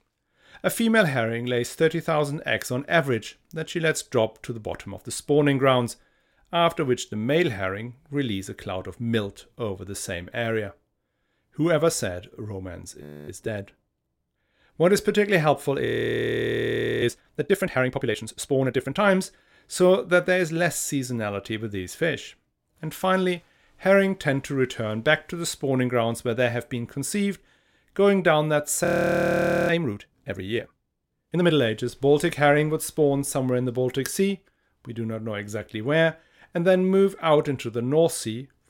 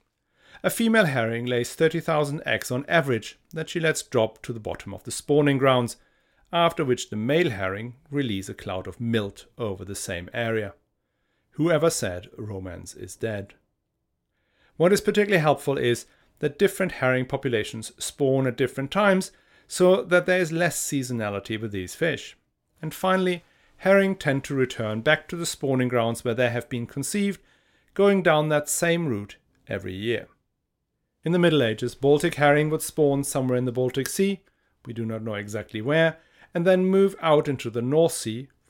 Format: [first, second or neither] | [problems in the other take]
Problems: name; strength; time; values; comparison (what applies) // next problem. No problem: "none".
second | audio freezing; at 13 s, at 16 s for 1 s and at 29 s for 1 s